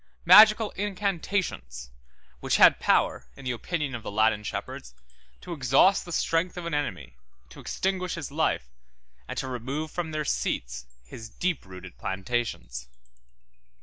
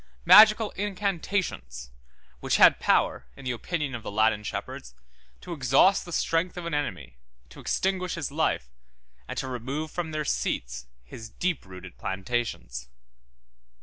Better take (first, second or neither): second